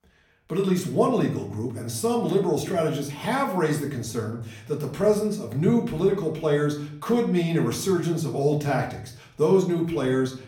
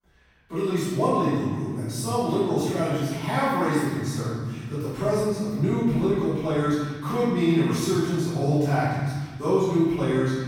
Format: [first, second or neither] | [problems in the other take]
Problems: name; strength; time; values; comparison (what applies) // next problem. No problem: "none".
first | room echo; strong; dies away in 1.7 s; slight in the first // off-mic speech; far; far in the first